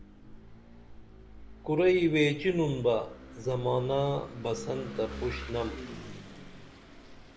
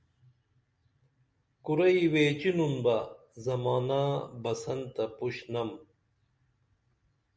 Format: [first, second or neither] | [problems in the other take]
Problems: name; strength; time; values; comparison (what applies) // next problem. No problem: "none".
second | background sound (Engine / Vehicle); 13 dB below the speech